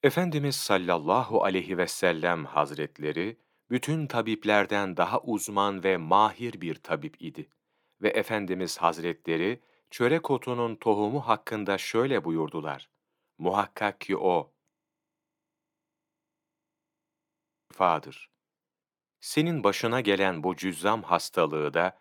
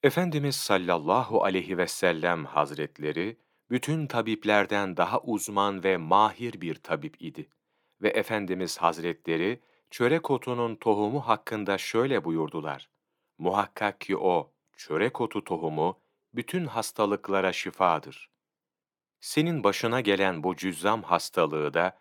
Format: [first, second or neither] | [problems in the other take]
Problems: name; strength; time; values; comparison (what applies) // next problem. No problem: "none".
second | audio freezing; at 15 s for 3 s